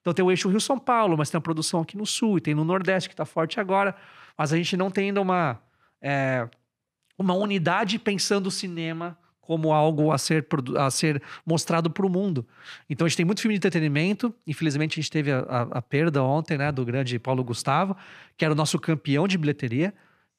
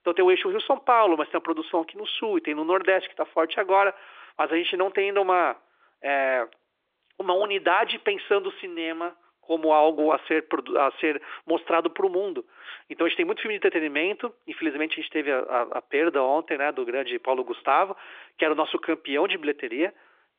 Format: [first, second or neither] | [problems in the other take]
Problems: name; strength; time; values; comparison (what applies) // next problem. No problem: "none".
first | phone-call audio; nothing above 3.5 kHz